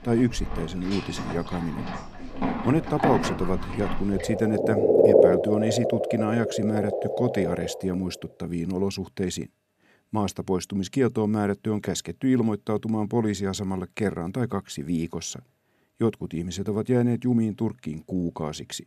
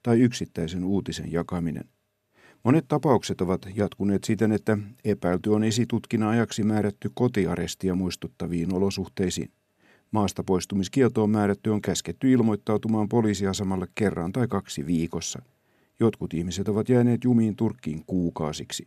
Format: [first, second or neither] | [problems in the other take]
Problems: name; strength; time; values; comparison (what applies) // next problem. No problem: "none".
second | animal sounds; very loud; until 7.5 s; 1 dB above the speech